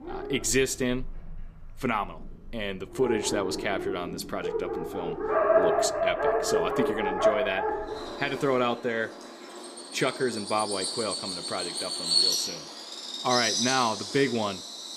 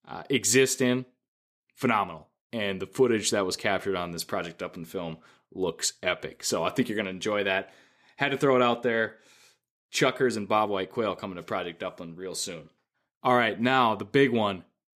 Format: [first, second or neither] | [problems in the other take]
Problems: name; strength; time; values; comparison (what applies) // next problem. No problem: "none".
second | animal sounds; very loud; throughout; 1 dB above the speech